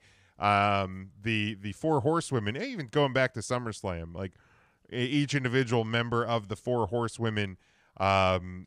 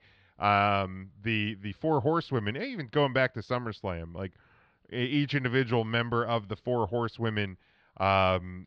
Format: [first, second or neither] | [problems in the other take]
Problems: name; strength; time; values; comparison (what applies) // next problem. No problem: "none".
first | muffled; very slightly; fading above 4.5 kHz